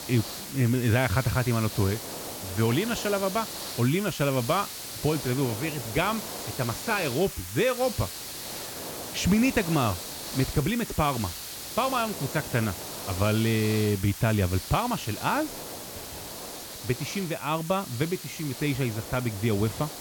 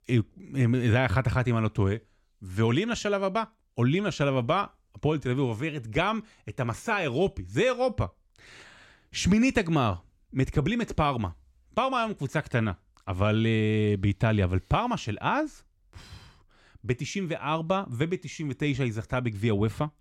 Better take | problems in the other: second | hiss; loud; throughout; 8 dB below the speech

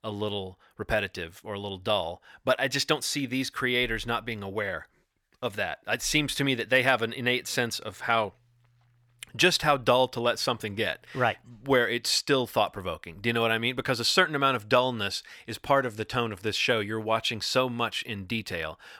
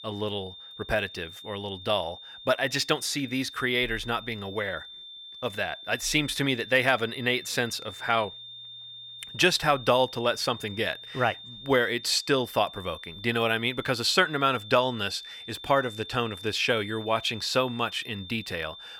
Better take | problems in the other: first | high-pitched whine; noticeable; throughout; 3.5 kHz, 15 dB below the speech

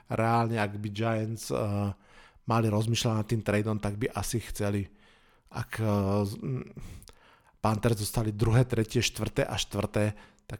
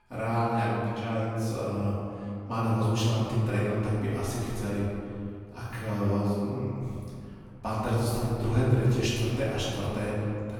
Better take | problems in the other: first | off-mic speech; far // room echo; strong; dies away in 2.3 s

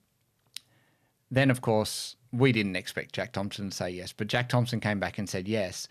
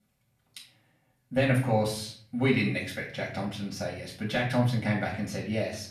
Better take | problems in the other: first | off-mic speech; far // room echo; slight; dies away in 0.5 s

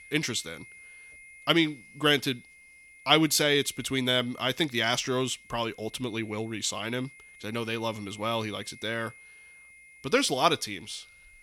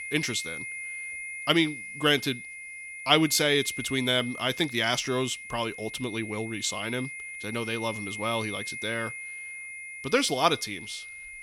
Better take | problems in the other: first | high-pitched whine; loud; throughout; 2 kHz, 9 dB below the speech; faint in the first

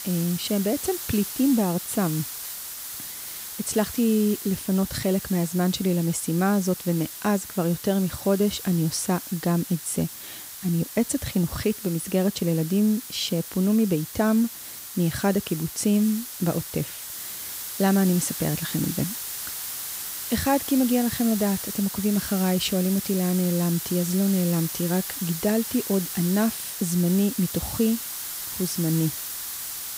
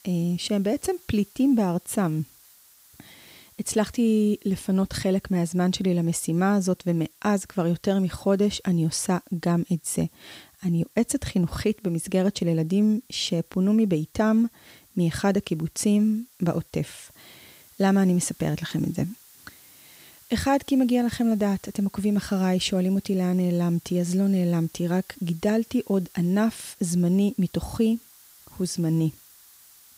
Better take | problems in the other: second | hiss; loud; throughout; 7 dB below the speech; faint in the second

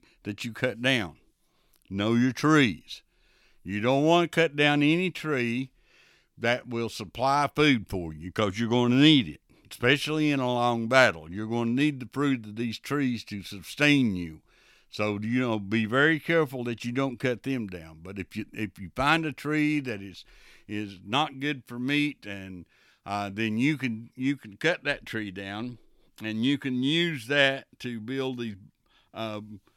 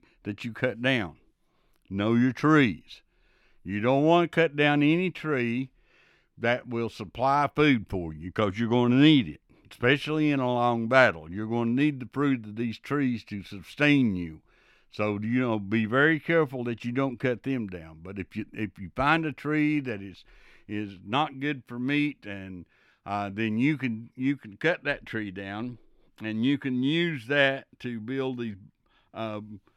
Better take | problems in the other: first | muffled; slightly; fading above 3.5 kHz

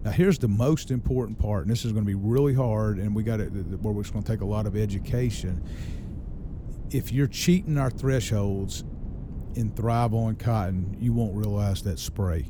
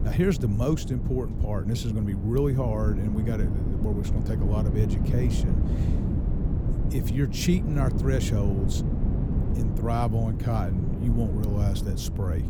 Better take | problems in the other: first | wind noise on the microphone; heavy; 5 dB below the speech; occasional gusts in the first

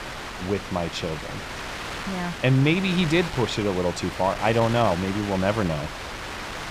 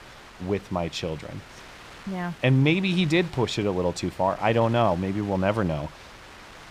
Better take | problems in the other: second | wind noise on the microphone; heavy; 7 dB below the speech; occasional gusts in the second

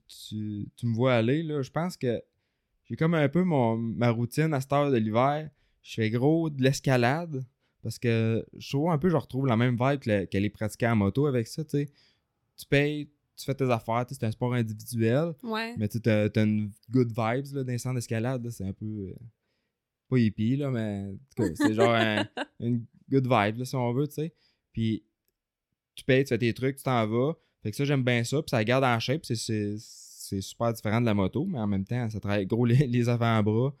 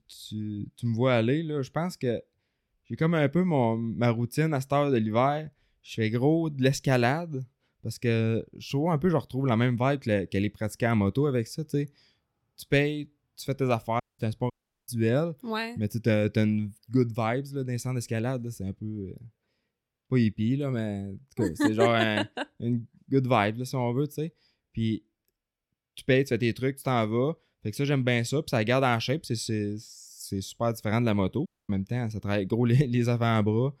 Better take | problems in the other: first | audio cutting out; at 14 s, at 15 s and at 31 s

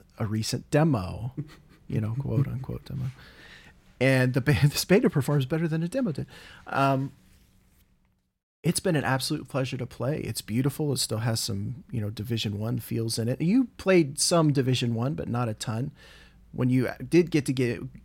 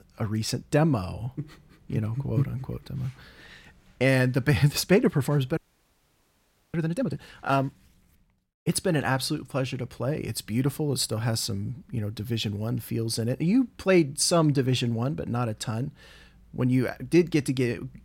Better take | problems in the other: first | audio freezing; at 5.5 s for 1 s

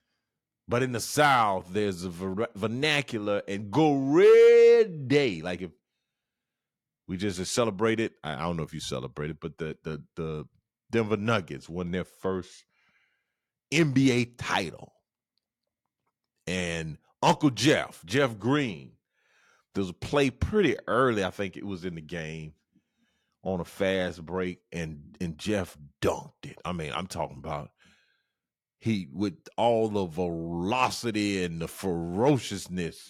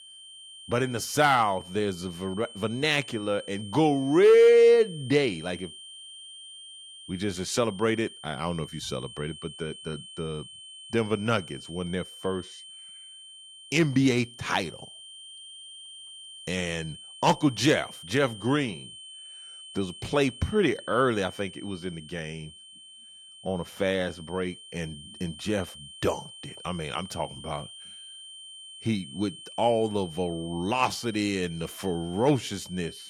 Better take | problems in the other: first | high-pitched whine; noticeable; throughout; 3 kHz, 15 dB below the speech

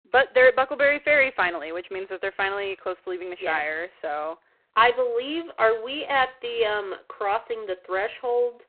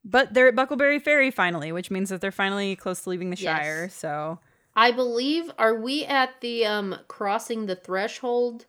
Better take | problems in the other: second | phone-call audio; poor line

